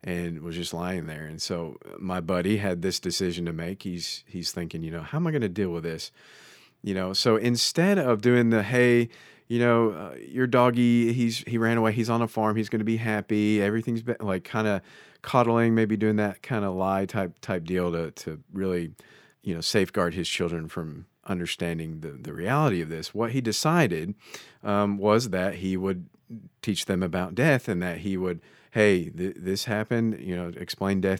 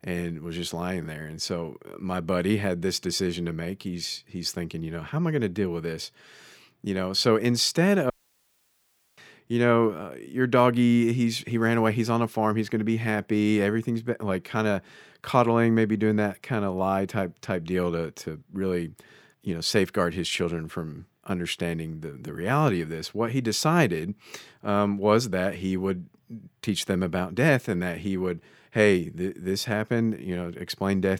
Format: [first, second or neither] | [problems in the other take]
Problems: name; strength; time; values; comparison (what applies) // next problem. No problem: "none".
first | audio cutting out; at 8 s for 1 s